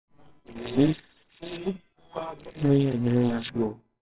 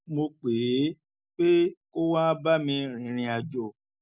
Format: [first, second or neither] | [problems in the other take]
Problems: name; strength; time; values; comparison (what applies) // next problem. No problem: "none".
second | noise reduction (neural separator model SepFormer WHAMR!)